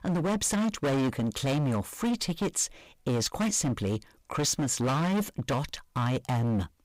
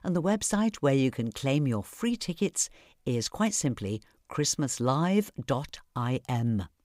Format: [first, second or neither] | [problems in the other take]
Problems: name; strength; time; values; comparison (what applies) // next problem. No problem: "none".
second | distortion; heavy; 24% of the sound clipped